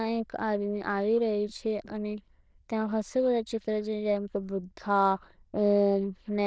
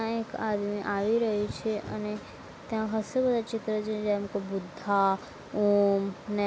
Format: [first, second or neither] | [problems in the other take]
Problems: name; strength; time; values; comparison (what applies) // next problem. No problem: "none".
second | noise reduction (neural diffusion model UNIVERSE++)